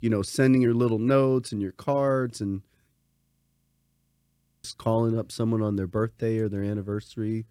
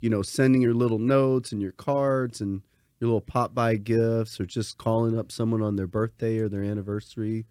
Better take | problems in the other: second | audio freezing; at 3 s for 1.5 s

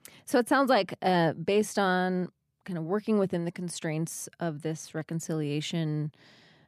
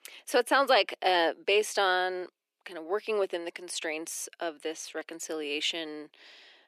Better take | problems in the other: first | thin; very; fading below 350 Hz

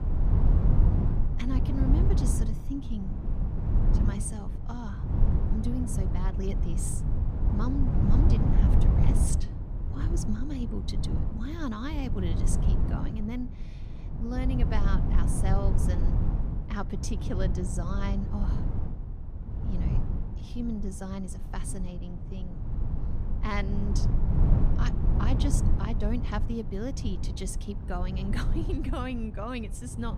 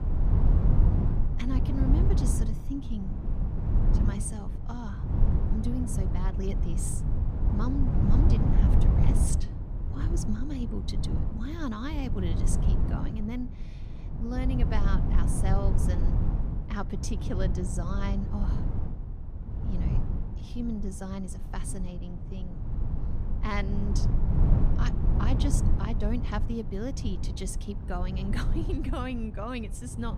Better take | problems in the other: neither | low rumble; loud; throughout; 3 dB below the speech; the same in both

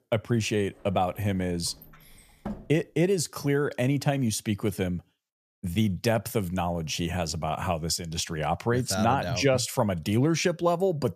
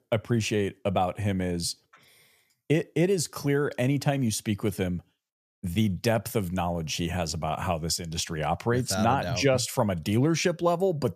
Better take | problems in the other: second | door banging; faint; from 1 to 2.5 s; peak 10 dB below the speech

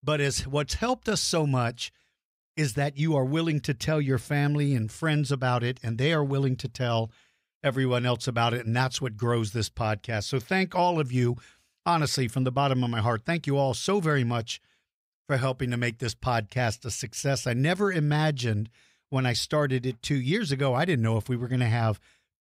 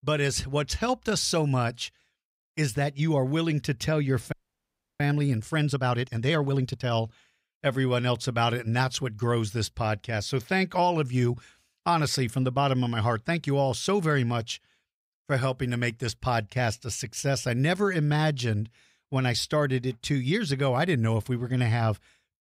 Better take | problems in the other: first | audio freezing; at 4.5 s for 0.5 s

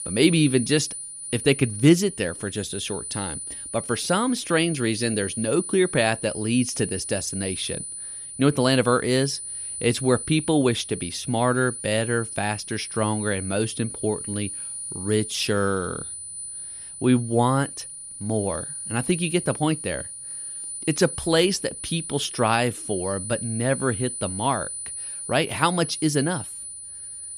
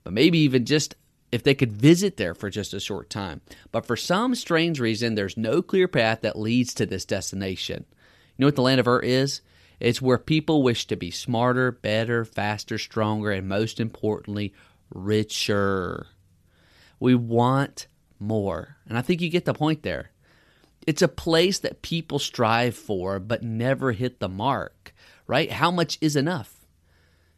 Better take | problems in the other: second | high-pitched whine; loud; throughout; 9.5 kHz, 8 dB below the speech

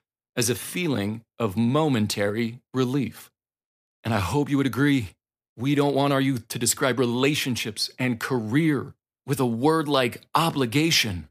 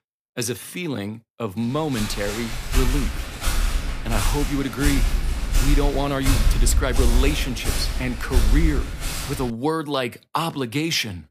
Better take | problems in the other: first | footsteps; loud; from 2 to 9.5 s; peak 4 dB above the speech

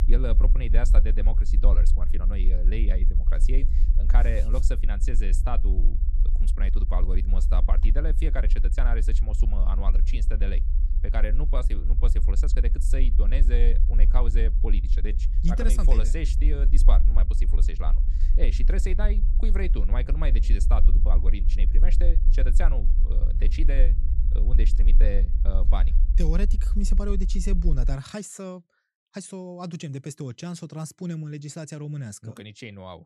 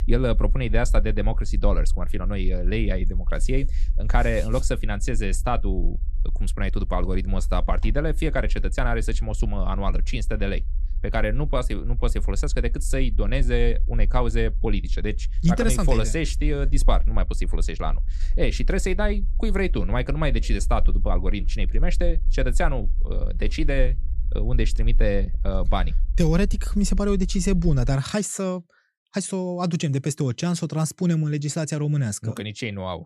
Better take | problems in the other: second | low rumble; loud; until 28 s; 10 dB below the speech; faint in the second

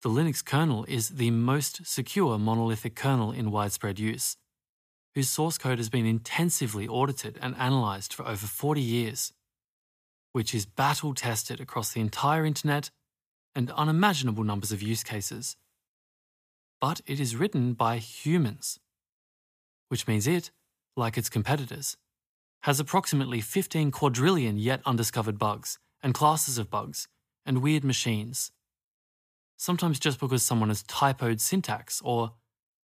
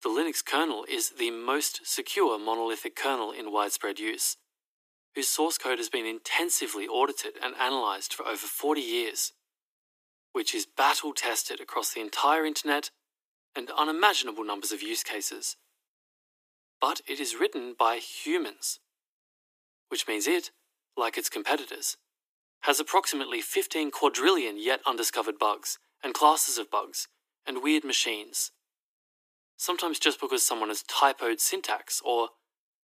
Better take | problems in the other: first | thin; very; fading below 300 Hz

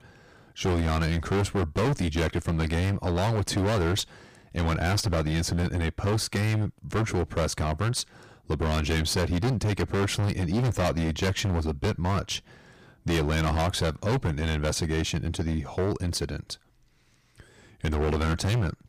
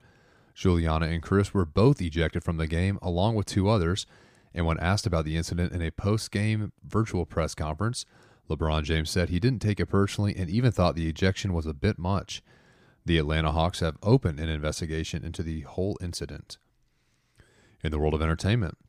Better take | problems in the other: second | distortion; heavy; 25% of the sound clipped

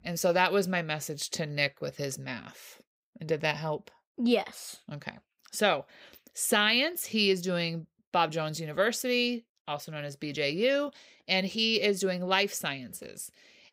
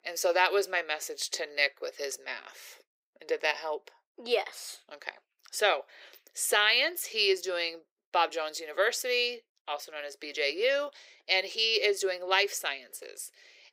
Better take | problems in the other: first | thin; very; fading below 350 Hz

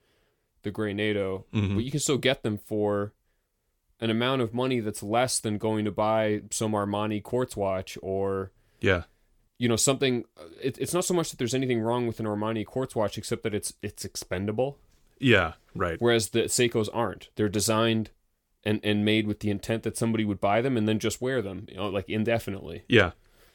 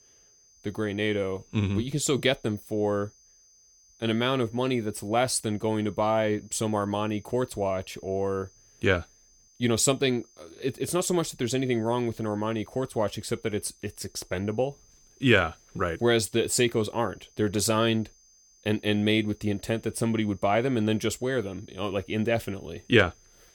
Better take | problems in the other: first | high-pitched whine; faint; throughout; 6 kHz, 30 dB below the speech

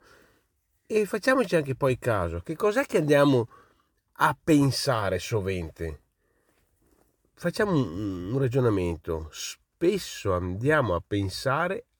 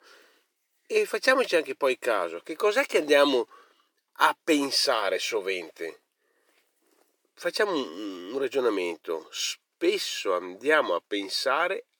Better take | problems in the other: first | thin; somewhat; fading below 350 Hz

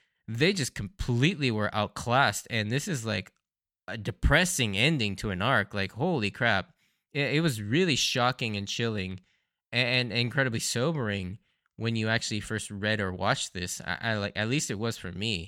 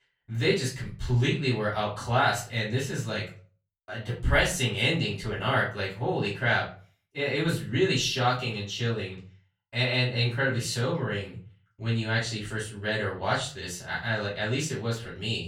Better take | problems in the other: first | room echo; slight; dies away in 0.3 s // off-mic speech; far

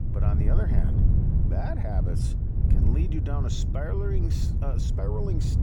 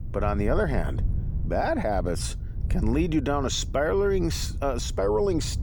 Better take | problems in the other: second | wind noise on the microphone; heavy; 2 dB below the speech; occasional gusts in the second

